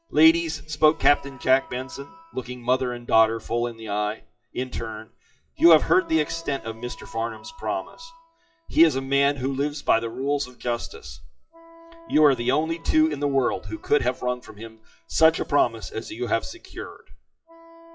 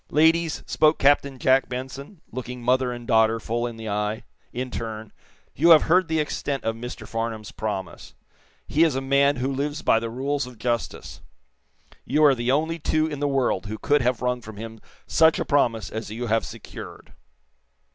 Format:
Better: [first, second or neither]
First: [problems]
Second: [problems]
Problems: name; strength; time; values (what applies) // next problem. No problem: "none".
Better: second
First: noise reduction (classical method WPE with log-MMSE)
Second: none